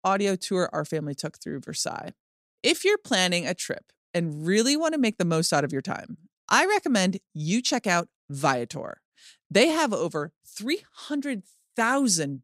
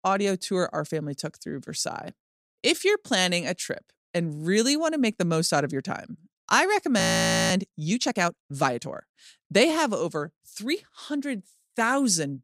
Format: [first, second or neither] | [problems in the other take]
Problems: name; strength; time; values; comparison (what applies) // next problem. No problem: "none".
first | audio freezing; at 7 s for 0.5 s